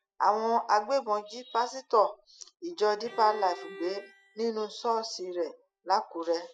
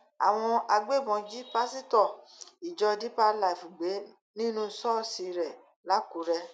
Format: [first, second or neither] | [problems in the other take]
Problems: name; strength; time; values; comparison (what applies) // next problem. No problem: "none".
second | noise reduction (classical method spectral subtraction)